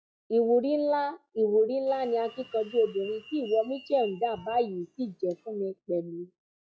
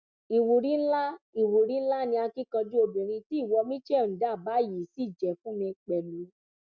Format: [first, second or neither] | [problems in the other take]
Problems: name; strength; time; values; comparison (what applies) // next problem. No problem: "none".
second | noise reduction (classical method log-MMSE)